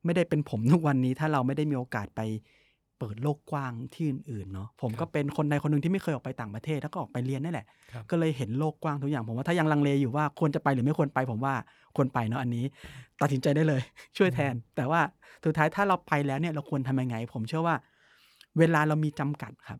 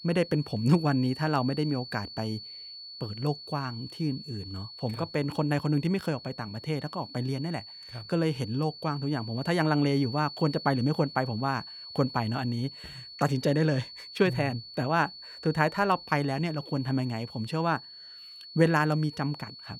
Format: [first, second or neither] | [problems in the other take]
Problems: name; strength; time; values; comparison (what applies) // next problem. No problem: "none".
first | high-pitched whine; noticeable; throughout; 4.5 kHz, 15 dB below the speech